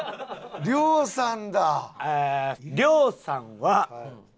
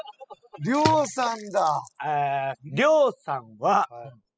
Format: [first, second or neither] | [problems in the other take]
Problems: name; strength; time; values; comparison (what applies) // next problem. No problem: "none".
first | noise reduction (classical method spectral subtraction)